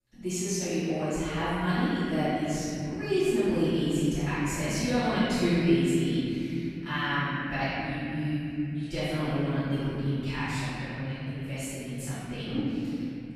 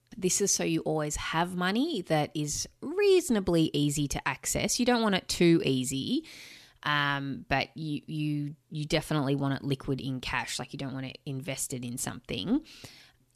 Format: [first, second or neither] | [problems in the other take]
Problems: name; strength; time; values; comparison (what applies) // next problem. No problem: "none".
second | off-mic speech; far // room echo; strong; dies away in 3 s